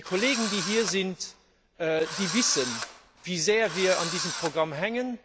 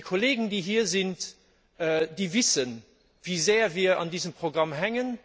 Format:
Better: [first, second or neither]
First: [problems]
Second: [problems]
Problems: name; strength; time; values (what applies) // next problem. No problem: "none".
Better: second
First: background sound (Engine / Drill); 7 dB below the speech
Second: none